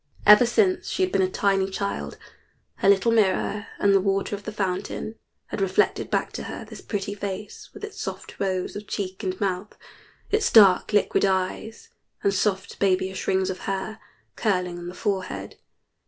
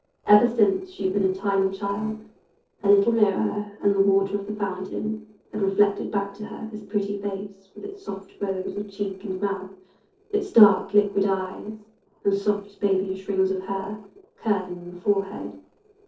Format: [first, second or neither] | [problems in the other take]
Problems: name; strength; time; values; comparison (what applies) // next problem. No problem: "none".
first | noise reduction (neural separator model SepFormer DNS4)